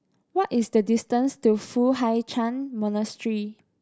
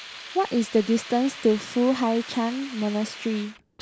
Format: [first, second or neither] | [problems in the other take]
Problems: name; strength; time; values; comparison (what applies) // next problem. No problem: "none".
first | background sound (Hiss); 15 dB below the speech